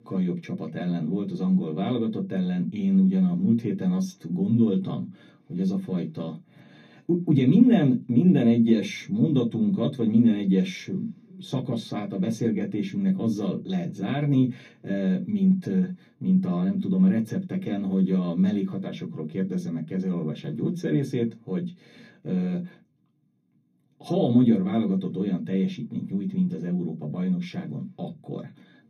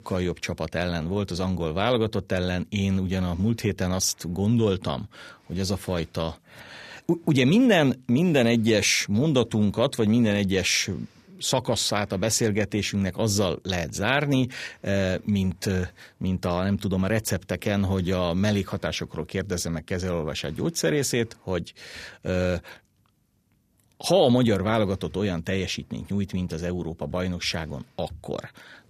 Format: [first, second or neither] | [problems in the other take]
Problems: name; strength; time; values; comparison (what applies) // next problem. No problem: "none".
second | room echo; slight; dies away in 0.3 s // off-mic speech; far